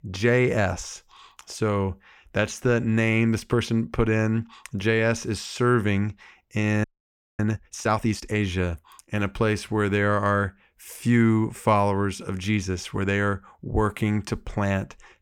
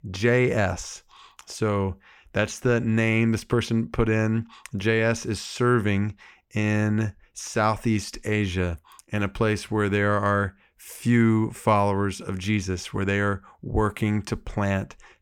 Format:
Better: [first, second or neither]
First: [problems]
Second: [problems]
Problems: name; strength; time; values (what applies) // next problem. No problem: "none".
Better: second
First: audio freezing; at 7 s for 0.5 s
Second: none